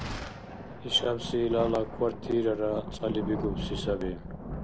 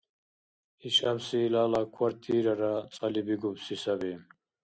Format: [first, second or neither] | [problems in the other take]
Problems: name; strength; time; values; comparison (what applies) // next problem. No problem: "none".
second | background sound (Thunder); 6 dB below the speech